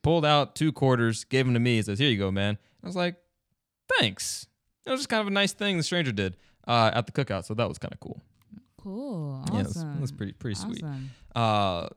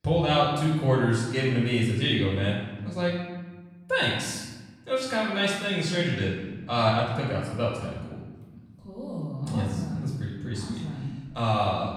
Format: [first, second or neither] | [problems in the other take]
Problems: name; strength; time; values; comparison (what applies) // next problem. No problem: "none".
first | off-mic speech; far // room echo; noticeable; dies away in 1.1 s